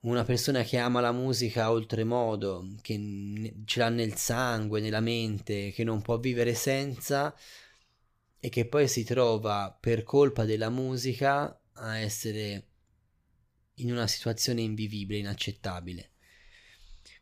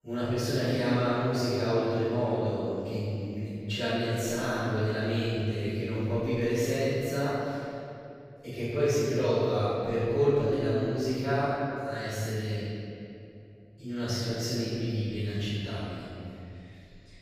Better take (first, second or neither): first